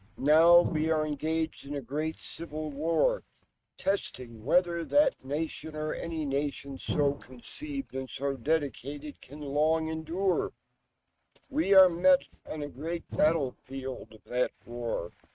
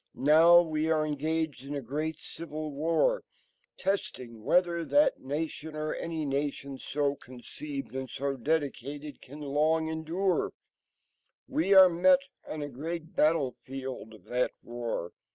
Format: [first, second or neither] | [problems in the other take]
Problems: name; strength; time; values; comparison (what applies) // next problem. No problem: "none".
second | noise reduction (neural mask model RNNoise)